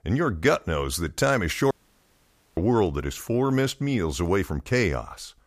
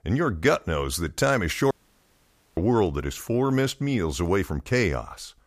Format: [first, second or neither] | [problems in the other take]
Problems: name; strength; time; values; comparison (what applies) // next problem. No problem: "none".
neither | audio cutting out; at 1.5 s for 1 s; the same in both